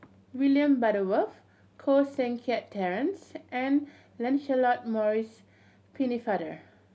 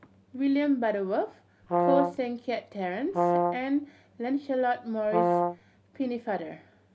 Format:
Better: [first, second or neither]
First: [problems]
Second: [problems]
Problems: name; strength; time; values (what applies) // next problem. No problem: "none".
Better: first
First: none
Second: background sound (Brass instrument); 3 dB above the speech